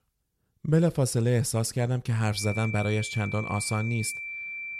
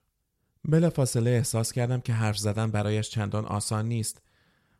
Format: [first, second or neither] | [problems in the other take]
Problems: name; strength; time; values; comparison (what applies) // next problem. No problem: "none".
second | high-pitched whine; loud; from 2.5 s on; 2.5 kHz, 8 dB below the speech